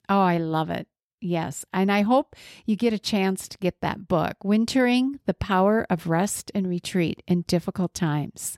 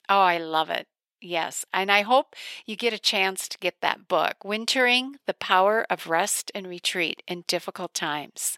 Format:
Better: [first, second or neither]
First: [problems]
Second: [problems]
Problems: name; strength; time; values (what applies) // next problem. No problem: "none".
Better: first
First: none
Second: thin; very; fading below 600 Hz